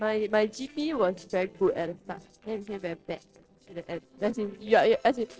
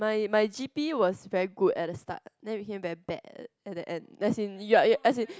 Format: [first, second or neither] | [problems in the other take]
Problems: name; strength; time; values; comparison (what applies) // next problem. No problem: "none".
second | noise reduction (neural separator model SepFormer DNS4)